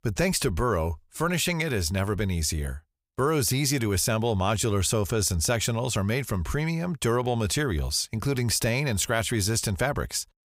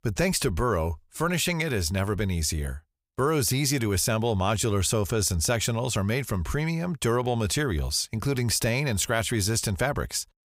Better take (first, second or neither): neither